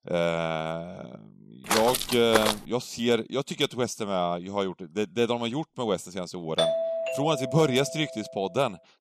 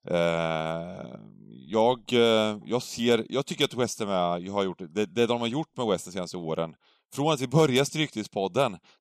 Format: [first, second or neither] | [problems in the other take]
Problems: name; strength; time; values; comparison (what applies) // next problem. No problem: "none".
second | footsteps; loud; at 1.5 s; peak 2 dB above the speech // doorbell; loud; from 6.5 to 8 s; peak 2 dB above the speech